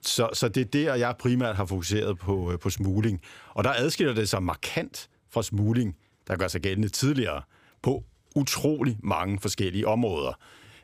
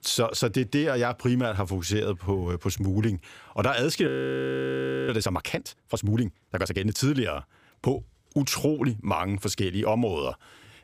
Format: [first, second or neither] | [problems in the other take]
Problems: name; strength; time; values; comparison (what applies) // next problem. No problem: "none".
first | audio freezing; at 4 s for 1 s